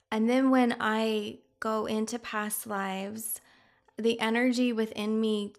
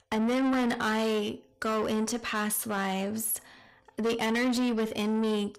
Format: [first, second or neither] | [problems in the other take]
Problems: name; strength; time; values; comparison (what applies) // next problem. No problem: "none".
first | distortion; heavy; 7 dB below the speech